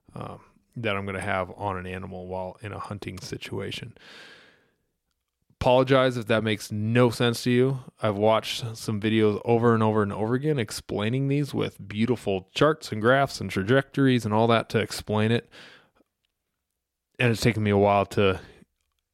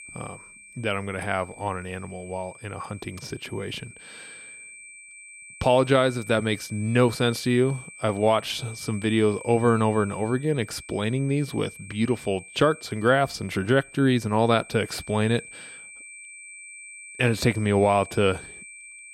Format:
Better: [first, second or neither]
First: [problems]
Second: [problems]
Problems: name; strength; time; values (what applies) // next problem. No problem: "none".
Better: first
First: none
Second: high-pitched whine; noticeable; throughout; 2.5 kHz, 15 dB below the speech